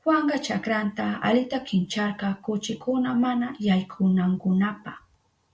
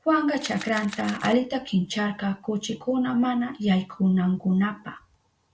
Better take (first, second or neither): first